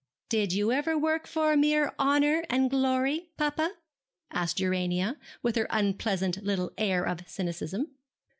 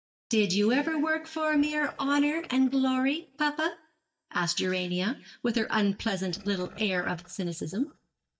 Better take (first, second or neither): first